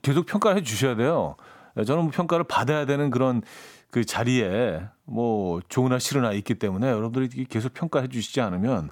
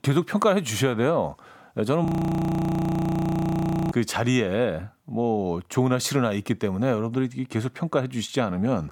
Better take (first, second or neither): first